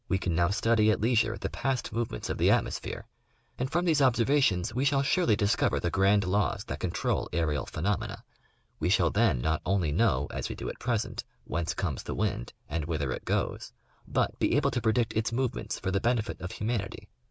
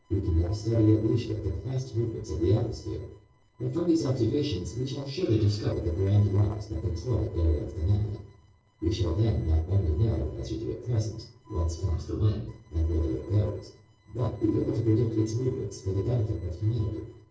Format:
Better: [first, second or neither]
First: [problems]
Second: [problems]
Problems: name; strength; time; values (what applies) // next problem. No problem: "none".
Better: first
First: none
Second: noise reduction (neural separator model SepFormer DNS4)